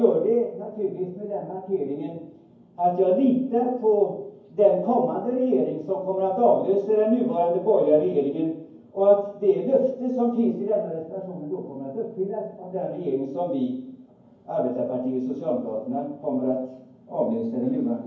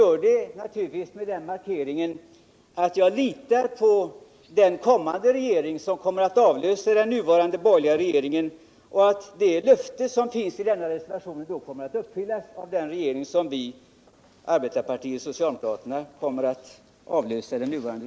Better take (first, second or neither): second